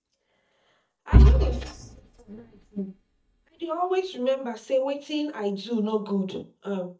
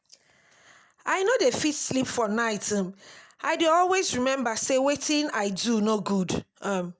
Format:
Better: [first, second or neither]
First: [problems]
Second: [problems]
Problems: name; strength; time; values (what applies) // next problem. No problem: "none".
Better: second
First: noise reduction (neural mask model DeepFilterNet 3)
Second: none